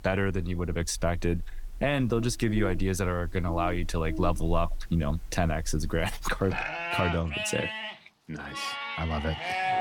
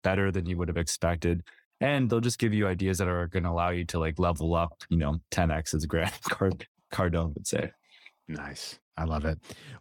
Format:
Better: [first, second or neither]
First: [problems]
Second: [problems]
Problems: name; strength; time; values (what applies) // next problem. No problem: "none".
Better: second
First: animal sounds; loud; throughout; 6 dB below the speech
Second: none